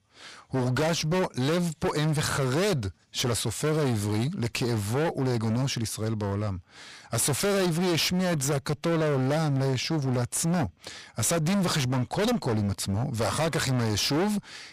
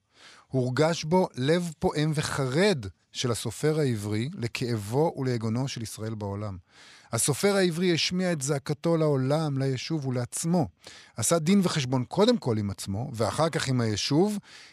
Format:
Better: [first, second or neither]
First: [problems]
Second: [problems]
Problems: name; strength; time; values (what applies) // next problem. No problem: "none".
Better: second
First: distortion; heavy; 31% of the sound clipped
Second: none